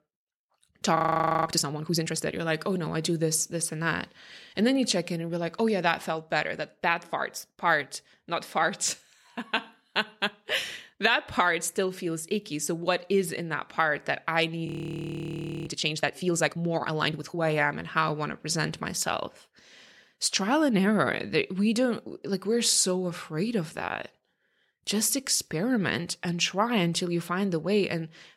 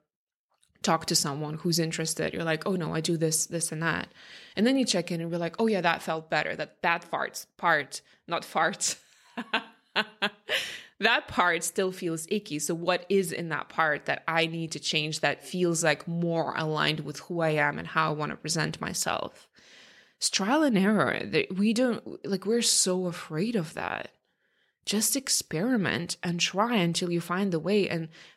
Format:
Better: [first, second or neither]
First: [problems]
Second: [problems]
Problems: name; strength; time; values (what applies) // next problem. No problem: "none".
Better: second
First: audio freezing; at 1 s and at 15 s for 1 s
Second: none